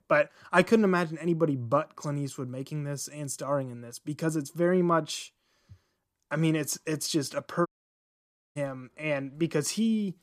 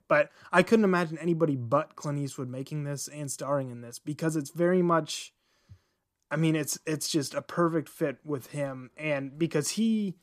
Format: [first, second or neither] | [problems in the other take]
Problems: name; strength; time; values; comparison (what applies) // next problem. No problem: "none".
second | audio cutting out; at 7.5 s for 1 s